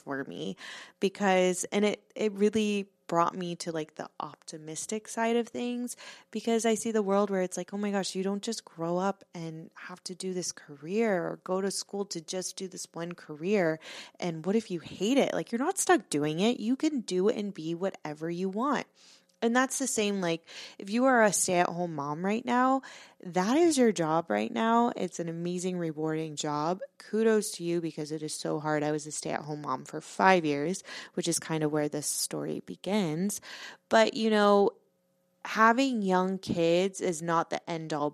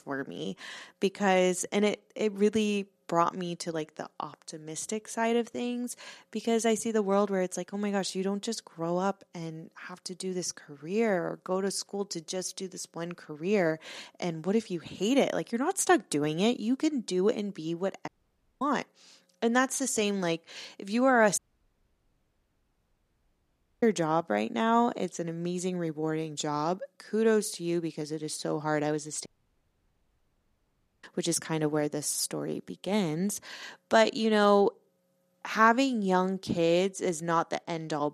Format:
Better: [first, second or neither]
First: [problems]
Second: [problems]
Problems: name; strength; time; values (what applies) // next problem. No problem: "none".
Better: first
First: none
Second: audio cutting out; at 18 s for 0.5 s, at 21 s for 2.5 s and at 29 s for 2 s